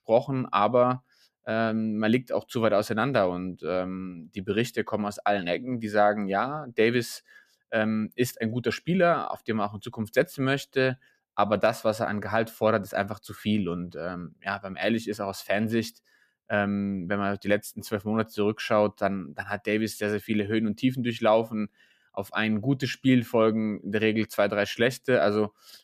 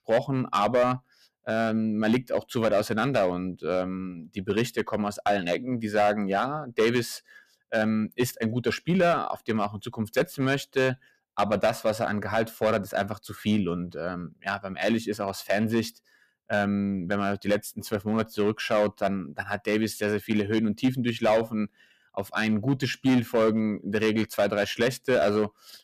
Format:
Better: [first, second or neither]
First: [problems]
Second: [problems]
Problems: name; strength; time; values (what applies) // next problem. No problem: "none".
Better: first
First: none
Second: distortion; slight; 4% of the sound clipped